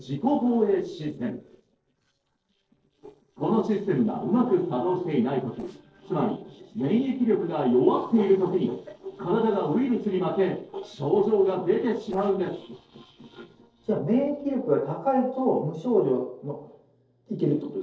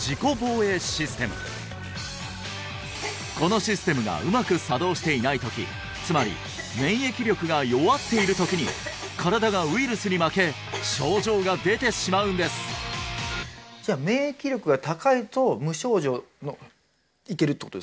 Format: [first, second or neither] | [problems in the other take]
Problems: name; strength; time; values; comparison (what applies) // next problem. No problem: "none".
second | noise reduction (neural separator model SepFormer DNS4)